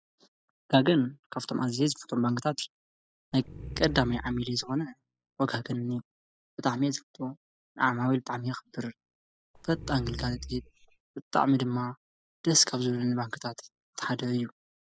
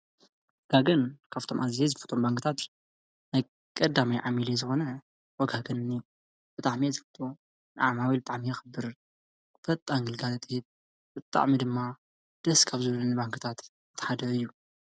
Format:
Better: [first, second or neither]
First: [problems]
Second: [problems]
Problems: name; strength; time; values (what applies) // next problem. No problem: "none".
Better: second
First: noise reduction (classical method spectral subtraction)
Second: none